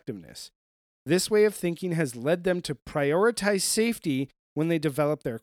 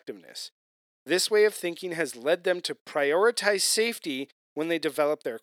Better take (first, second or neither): first